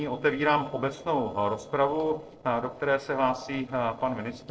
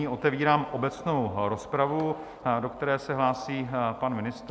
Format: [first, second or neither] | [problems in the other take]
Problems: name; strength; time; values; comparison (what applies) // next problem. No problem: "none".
second | noise reduction (neural separator model SepFormer DNS4)